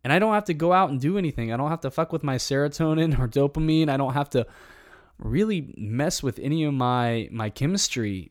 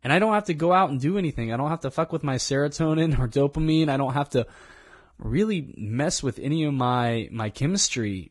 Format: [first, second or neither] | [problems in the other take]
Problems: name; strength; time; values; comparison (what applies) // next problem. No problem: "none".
first | garbled, watery; badly